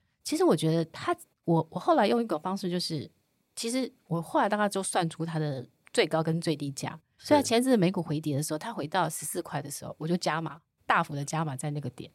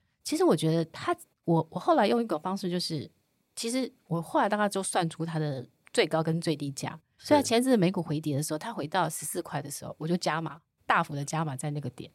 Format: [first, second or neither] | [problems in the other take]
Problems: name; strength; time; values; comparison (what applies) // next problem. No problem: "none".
neither | none